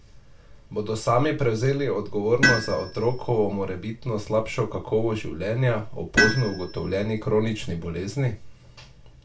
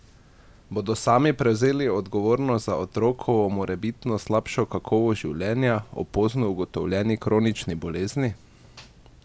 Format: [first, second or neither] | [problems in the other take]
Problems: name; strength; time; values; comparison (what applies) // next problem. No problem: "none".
second | background sound (Tools); 5 dB below the speech // room echo; dies away in 0.3 s